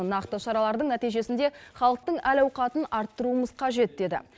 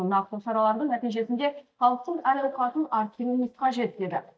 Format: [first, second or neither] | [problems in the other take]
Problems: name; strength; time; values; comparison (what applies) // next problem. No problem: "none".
first | noise reduction (neural mask model DeepFilterNet 3)